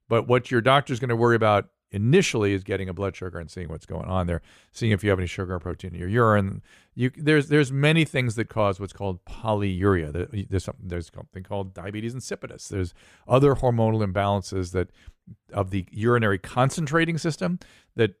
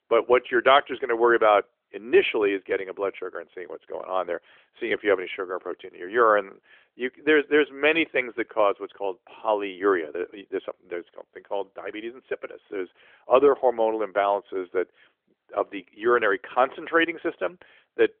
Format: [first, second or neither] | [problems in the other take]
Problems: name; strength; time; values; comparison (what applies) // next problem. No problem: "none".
first | phone-call audio; nothing above 3.5 kHz